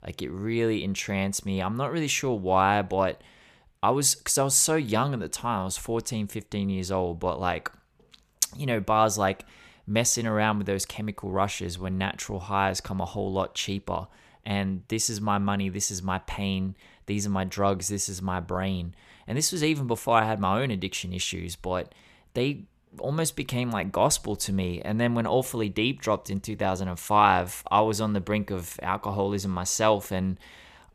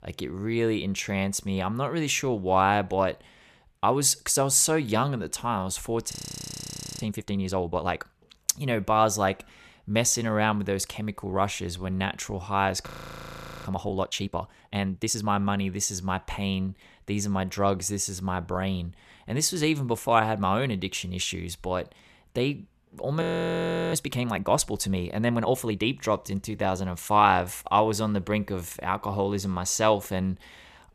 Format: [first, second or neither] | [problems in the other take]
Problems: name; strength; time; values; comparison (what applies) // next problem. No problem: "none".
first | audio freezing; at 6 s for 1 s, at 13 s for 1 s and at 23 s for 0.5 s